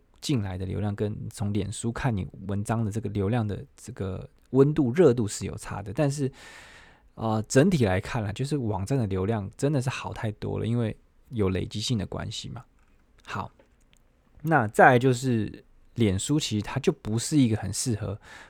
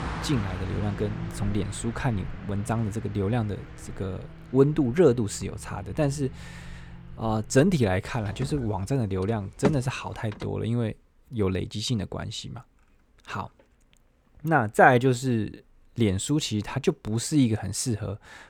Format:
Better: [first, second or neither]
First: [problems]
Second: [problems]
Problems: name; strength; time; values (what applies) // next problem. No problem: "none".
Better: first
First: none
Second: traffic noise; noticeable; until 10 s; 15 dB below the speech